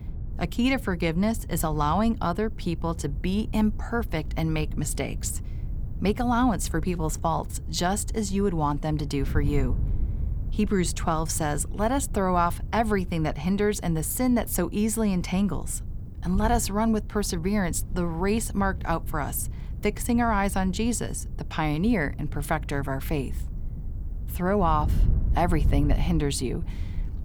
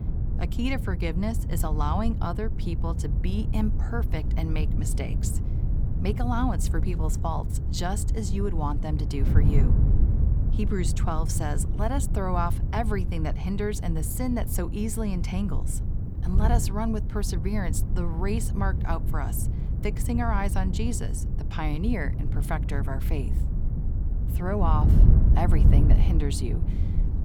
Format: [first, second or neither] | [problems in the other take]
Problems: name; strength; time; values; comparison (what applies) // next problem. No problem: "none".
first | wind noise on the microphone; heavy; 8 dB below the speech; occasional gusts in the first